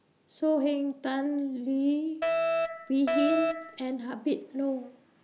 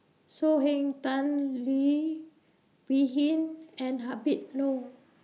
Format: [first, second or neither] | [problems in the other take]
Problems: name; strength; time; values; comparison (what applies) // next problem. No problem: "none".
second | background sound (Alarm); 1 dB above the speech